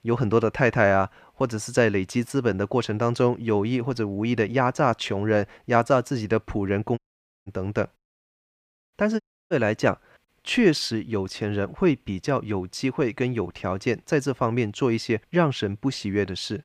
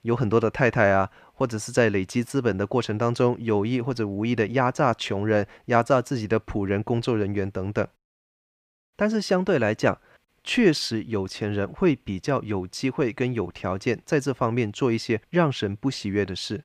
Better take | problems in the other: second | audio cutting out; at 7 s and at 9 s

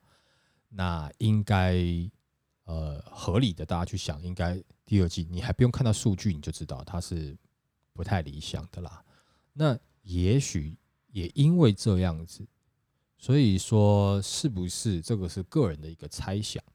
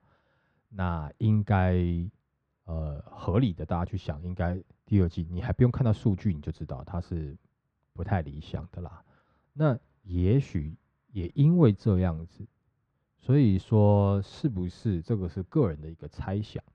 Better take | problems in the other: first | muffled; very; fading above 2 kHz

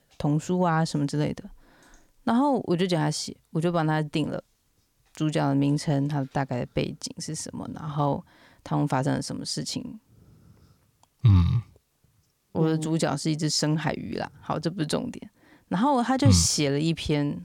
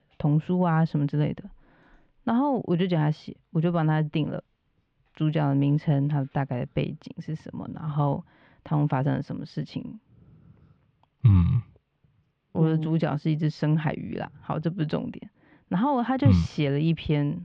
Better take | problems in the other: first | muffled; very; fading above 3 kHz

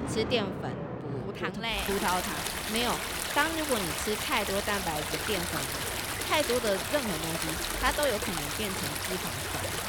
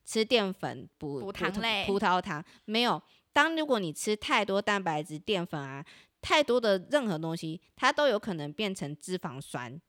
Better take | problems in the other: second | rain or running water; very loud; throughout; as loud as the speech

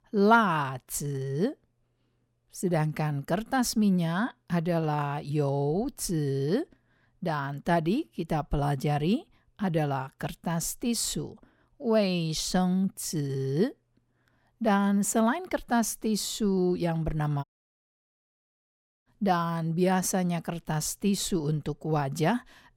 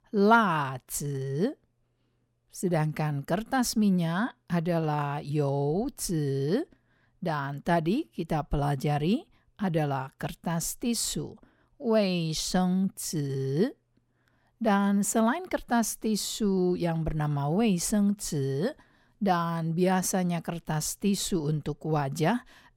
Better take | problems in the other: second | audio cutting out; at 17 s for 1.5 s

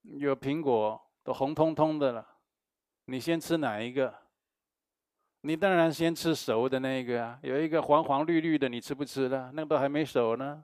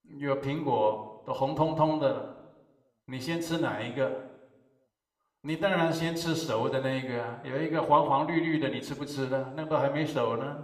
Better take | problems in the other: first | room echo; slight; dies away in 0.8 s

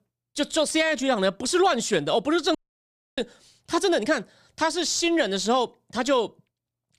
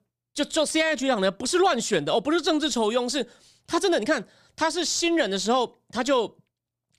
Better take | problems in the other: second | audio cutting out; at 2.5 s for 0.5 s

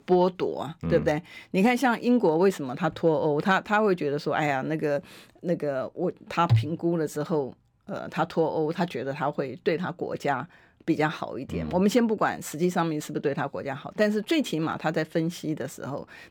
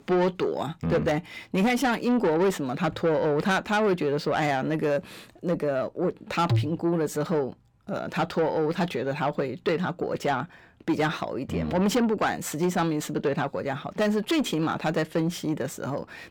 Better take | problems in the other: first | distortion; slight; 10 dB below the speech

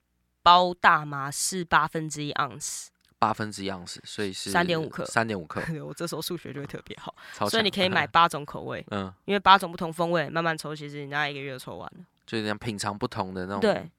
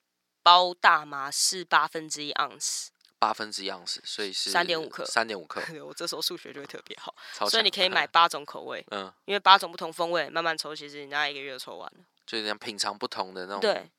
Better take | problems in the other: first | thin; somewhat; fading below 350 Hz

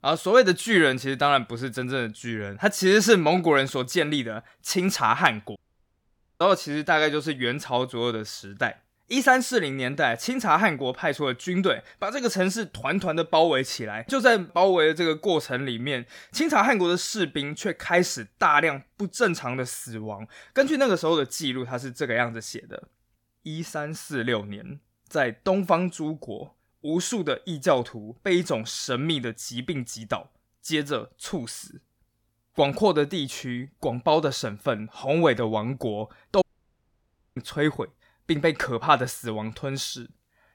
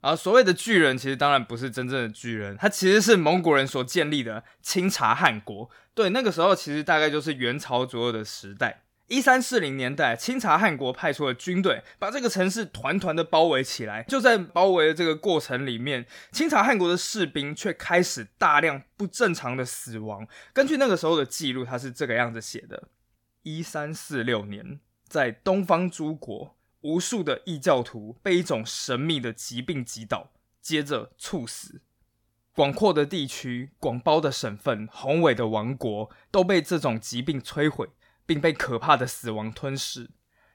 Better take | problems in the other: second | audio cutting out; at 5.5 s for 1 s and at 36 s for 1 s

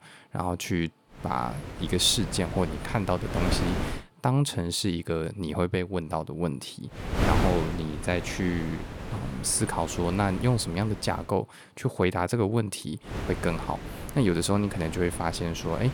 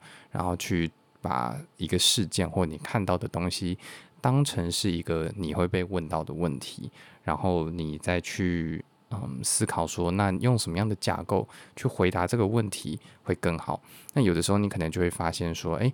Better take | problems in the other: second | wind noise on the microphone; heavy; from 1 to 4 s, from 7 to 11 s and from 13 s on; 7 dB below the speech

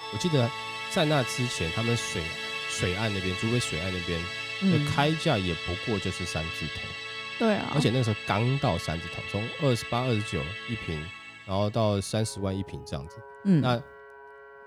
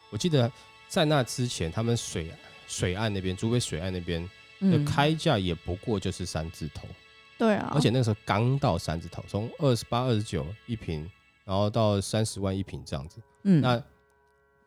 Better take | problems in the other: second | background music; loud; throughout; 5 dB below the speech; faint in the second

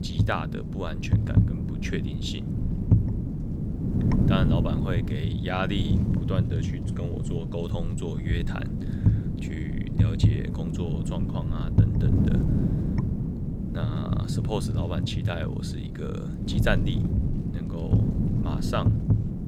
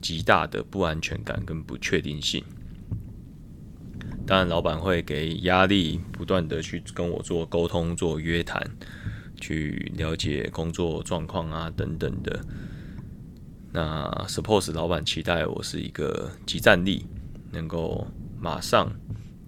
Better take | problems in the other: second | wind noise on the microphone; heavy; 1 dB below the speech; occasional gusts in the second

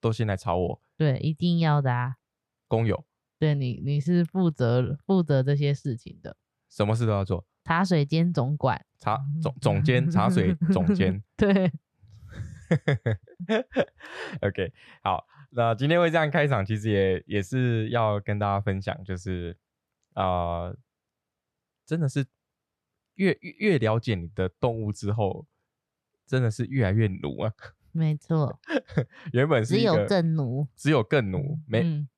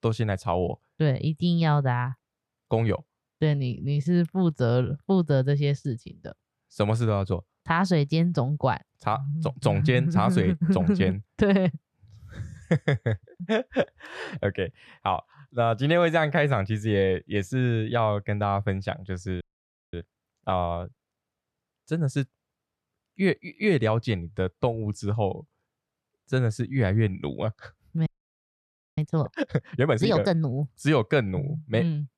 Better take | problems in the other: first | audio freezing; at 19 s for 0.5 s and at 28 s for 1 s

